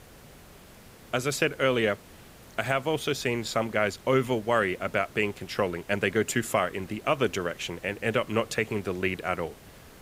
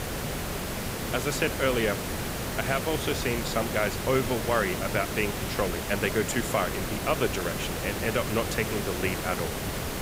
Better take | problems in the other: first | hiss; loud; throughout; 2 dB below the speech; faint in the first

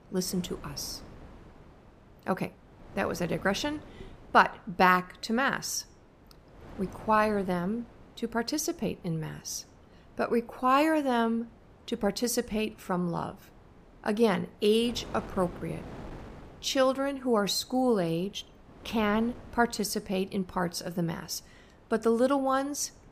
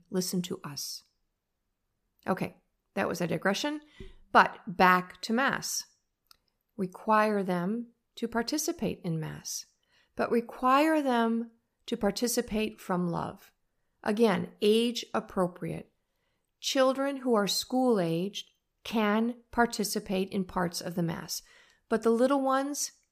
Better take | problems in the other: second | wind noise on the microphone; occasional gusts; 25 dB below the speech

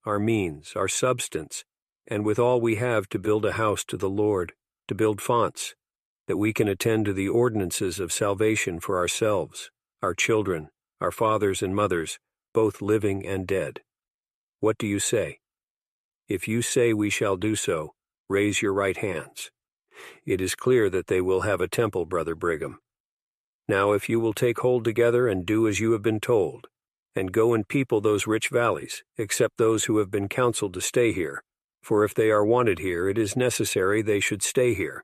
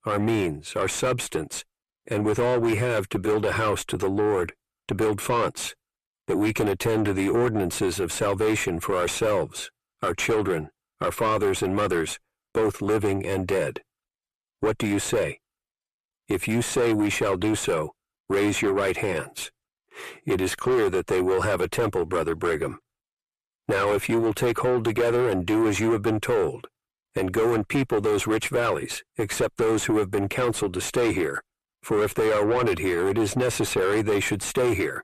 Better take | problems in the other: first | distortion; heavy; 7 dB below the speech

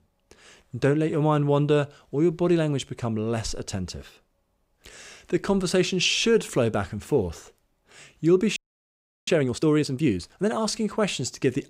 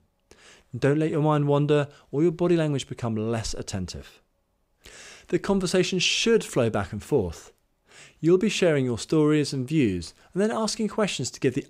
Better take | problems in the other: second | audio freezing; at 8.5 s for 0.5 s

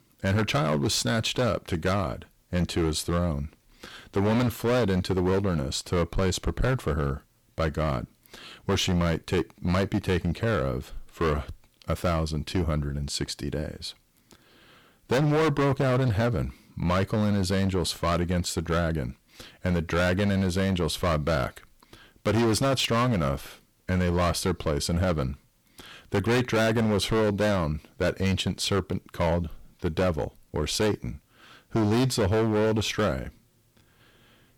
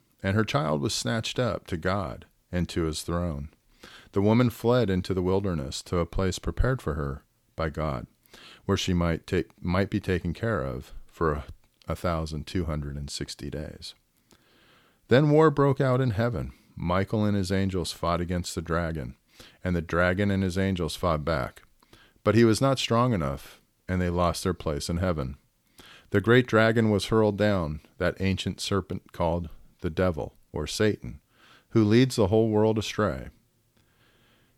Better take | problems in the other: second | distortion; heavy; 13% of the sound clipped

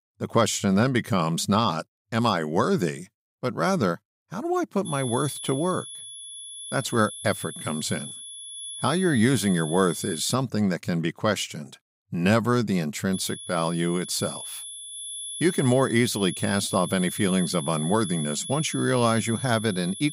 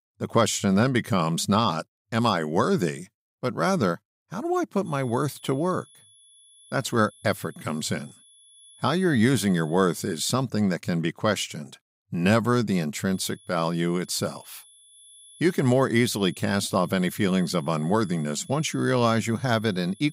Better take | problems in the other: second | high-pitched whine; loud; from 5 to 10 s and from 13 s on; 10.5 kHz, 9 dB below the speech; faint in the second

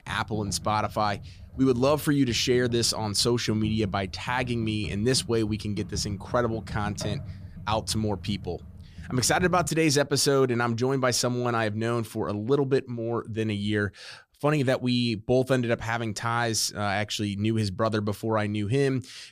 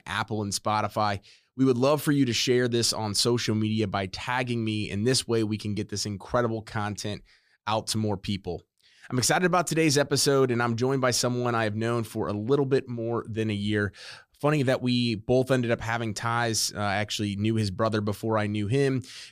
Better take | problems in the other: second | keyboard typing; noticeable; until 9.5 s; peak 9 dB below the speech

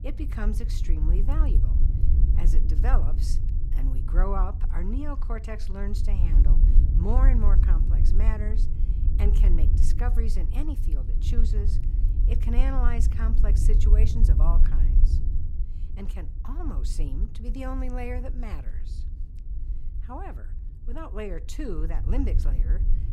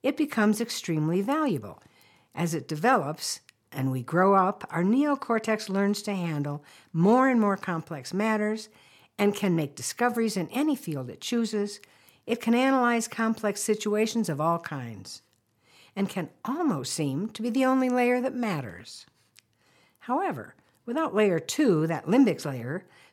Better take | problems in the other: second | low rumble; loud; throughout; 6 dB below the speech

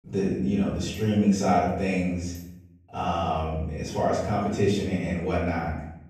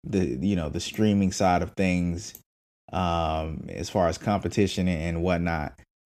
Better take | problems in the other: second | off-mic speech; far // room echo; noticeable; dies away in 0.7 s

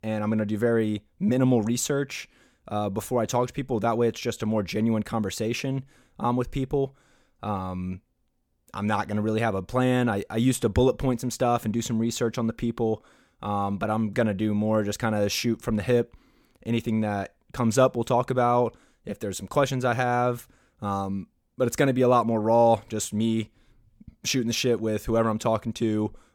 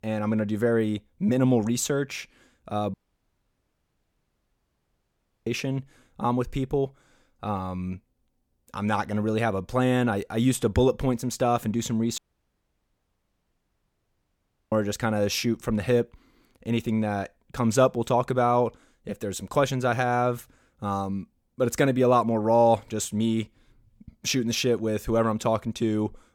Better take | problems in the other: first | audio cutting out; at 3 s for 2.5 s and at 12 s for 2.5 s

